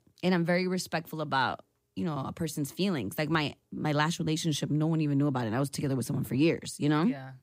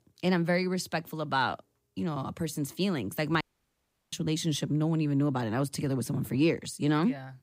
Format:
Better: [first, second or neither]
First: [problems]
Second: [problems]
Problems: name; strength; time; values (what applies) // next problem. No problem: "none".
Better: first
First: none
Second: audio cutting out; at 3.5 s for 0.5 s